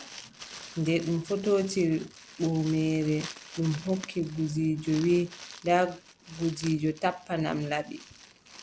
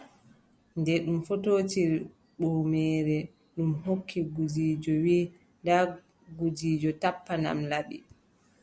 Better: second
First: background sound (Crumpling, crinkling); 18 dB below the speech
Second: none

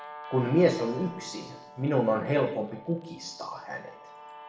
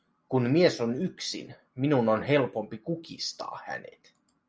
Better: second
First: background sound (Guitar); 17 dB below the speech // room echo; dies away in 0.9 s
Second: none

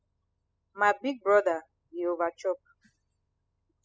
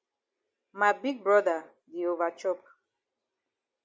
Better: second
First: noise reduction (classical method spectral subtraction)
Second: none

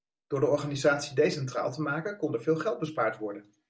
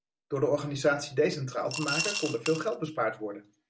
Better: first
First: none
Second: background sound (Coin (dropping) / Glass); 5 dB below the speech

